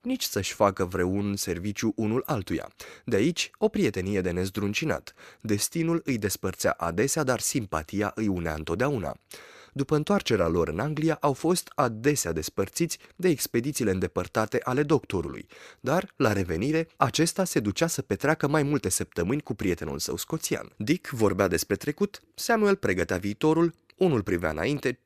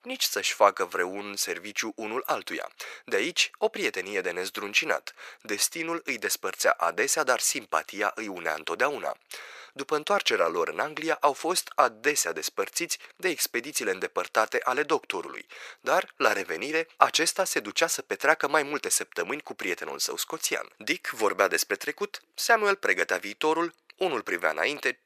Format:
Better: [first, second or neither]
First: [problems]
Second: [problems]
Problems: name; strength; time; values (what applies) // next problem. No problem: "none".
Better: first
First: none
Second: thin; very; fading below 650 Hz